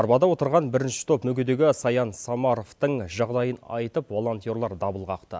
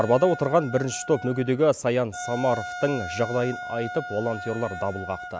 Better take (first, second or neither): first